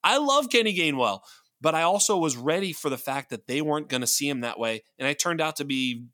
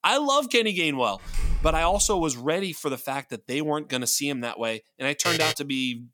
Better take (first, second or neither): first